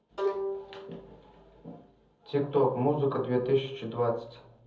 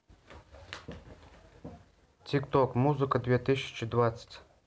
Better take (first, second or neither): second